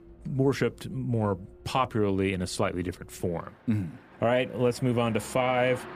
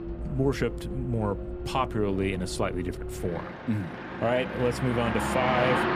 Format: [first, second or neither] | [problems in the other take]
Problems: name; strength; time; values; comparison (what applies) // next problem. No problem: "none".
first | traffic noise; loud; throughout; 4 dB below the speech; faint in the first